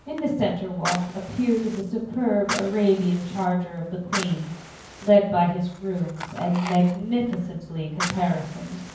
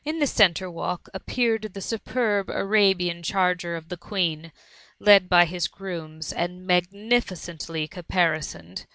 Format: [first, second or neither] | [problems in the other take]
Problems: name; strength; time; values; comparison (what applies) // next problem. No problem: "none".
second | background sound (Fire); 12 dB below the speech // room echo; dies away in 0.9 s